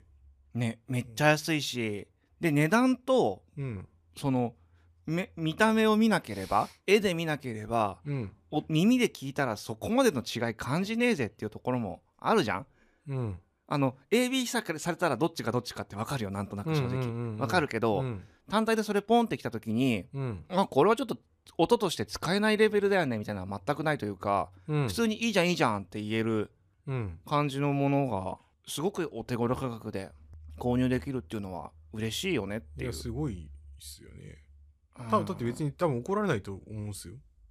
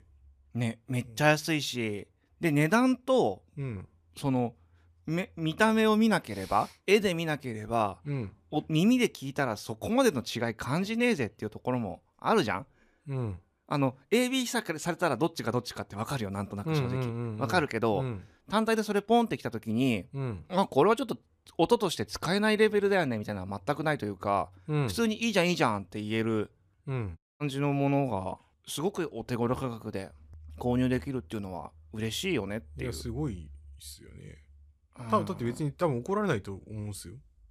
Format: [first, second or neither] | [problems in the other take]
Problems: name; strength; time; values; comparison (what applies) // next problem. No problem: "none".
first | audio cutting out; at 27 s